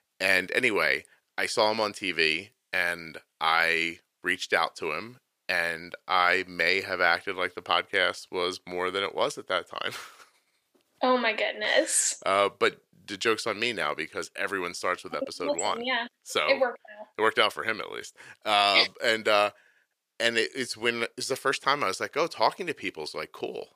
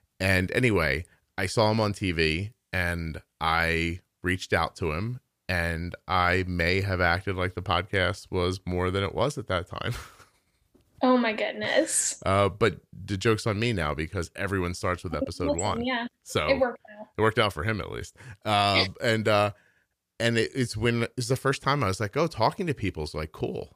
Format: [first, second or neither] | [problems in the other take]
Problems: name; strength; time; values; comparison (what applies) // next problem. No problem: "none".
second | thin; somewhat; fading below 400 Hz